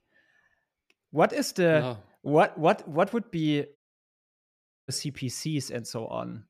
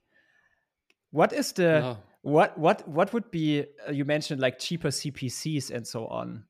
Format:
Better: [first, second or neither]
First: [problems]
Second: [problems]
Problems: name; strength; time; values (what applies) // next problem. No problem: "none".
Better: second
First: audio cutting out; at 4 s for 1 s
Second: none